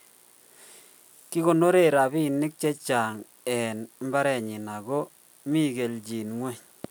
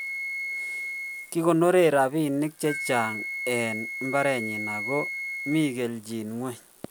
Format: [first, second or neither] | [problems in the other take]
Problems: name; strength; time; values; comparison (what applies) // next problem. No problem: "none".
first | background sound (Wind instrument, woodwind instrument); 8 dB below the speech